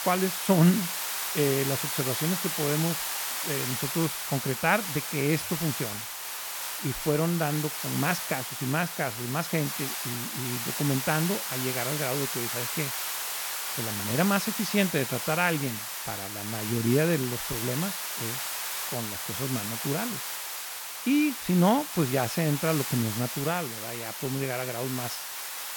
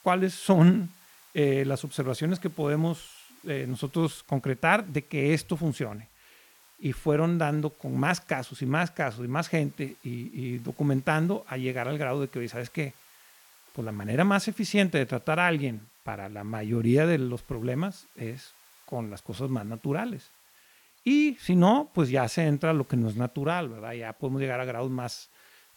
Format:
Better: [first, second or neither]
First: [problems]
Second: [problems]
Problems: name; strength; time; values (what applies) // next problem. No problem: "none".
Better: second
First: hiss; loud; throughout; 2 dB below the speech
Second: hiss; faint; throughout; 30 dB below the speech